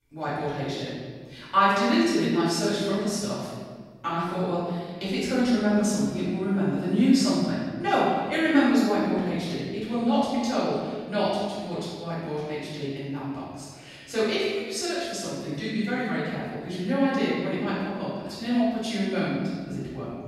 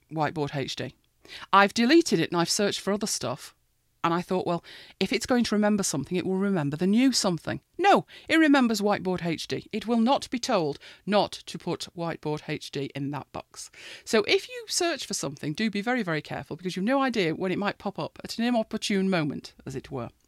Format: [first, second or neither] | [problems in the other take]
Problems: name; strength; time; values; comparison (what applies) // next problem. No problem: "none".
second | off-mic speech; far // room echo; strong; dies away in 1.6 s